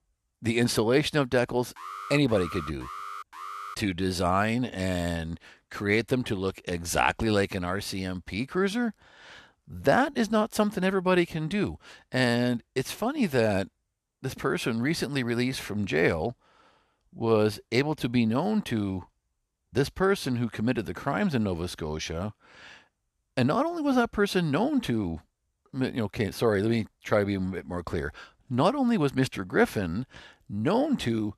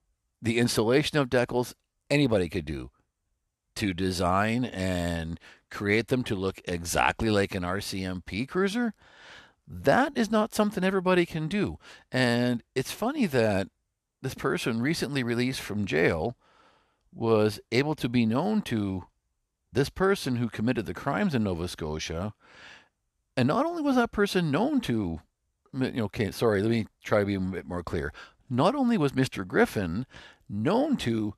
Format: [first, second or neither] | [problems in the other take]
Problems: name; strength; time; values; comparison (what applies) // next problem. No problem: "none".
second | alarm; faint; from 2 to 4 s; peak 10 dB below the speech